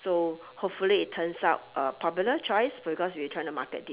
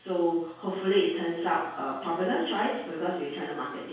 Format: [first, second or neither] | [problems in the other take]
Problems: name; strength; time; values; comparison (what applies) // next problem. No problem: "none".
first | room echo; dies away in 0.6 s